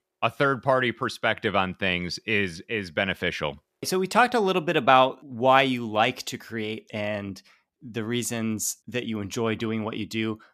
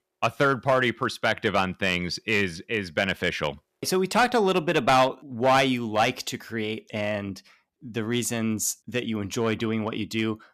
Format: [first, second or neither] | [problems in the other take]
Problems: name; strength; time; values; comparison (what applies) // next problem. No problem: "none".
first | distortion; slight; 2% of the sound clipped